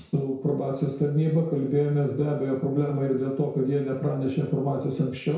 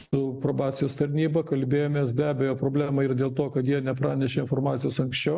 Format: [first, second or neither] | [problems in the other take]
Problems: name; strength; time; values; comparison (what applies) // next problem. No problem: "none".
second | room echo; dies away in 0.6 s